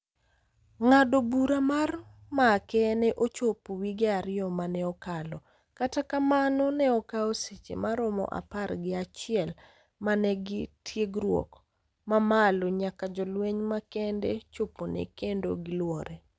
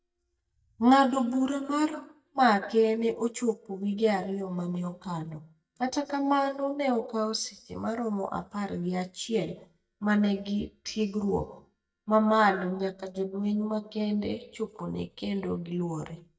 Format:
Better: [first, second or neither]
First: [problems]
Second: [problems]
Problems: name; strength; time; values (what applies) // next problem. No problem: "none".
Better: first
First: none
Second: noise reduction (neural mask model DeepFilterNet 3)